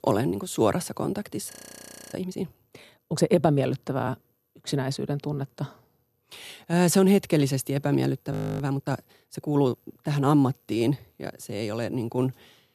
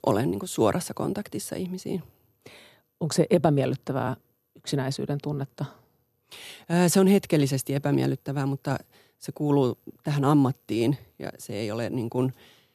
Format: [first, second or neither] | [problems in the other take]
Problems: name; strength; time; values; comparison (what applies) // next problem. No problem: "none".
second | audio freezing; at 1.5 s for 0.5 s and at 8.5 s